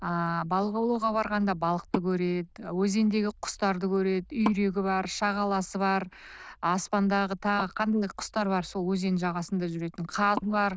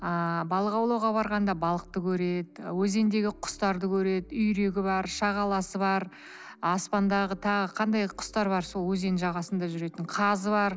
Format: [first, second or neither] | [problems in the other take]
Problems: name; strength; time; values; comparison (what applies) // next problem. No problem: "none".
second | noise reduction (neural diffusion model UNIVERSE++)